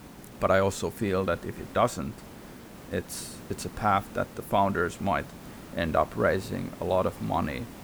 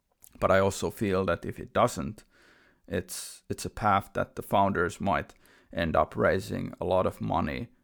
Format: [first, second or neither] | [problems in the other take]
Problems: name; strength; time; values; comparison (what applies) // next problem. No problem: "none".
second | hiss; noticeable; throughout; 15 dB below the speech